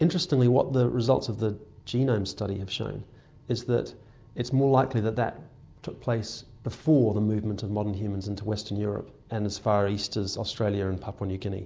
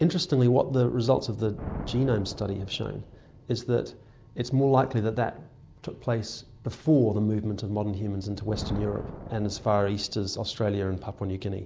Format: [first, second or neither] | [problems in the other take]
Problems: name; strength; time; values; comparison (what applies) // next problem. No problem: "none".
first | background sound (Thunder); 16 dB below the speech